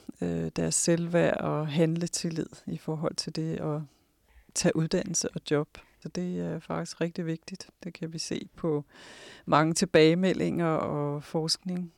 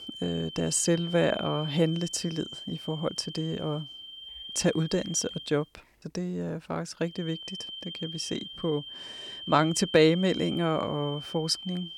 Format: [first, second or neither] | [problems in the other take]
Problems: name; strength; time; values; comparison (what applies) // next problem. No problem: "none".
first | high-pitched whine; noticeable; until 5.5 s and from 7 s on; 3 kHz, 10 dB below the speech